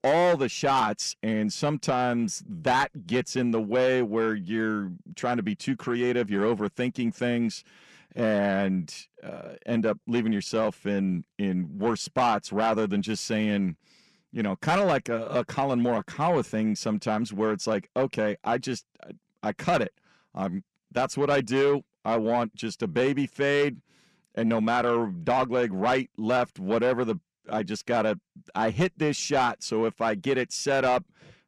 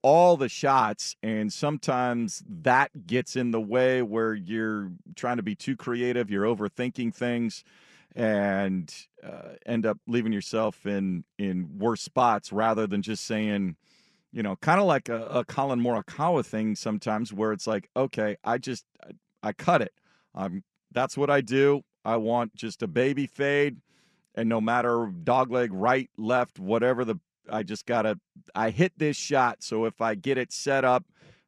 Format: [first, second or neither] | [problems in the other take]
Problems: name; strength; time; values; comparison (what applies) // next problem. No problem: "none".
second | distortion; slight; 10 dB below the speech